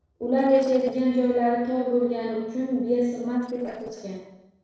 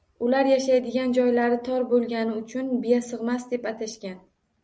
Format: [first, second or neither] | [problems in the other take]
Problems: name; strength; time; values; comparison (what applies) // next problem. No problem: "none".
second | noise reduction (neural separator model SepFormer DNS4)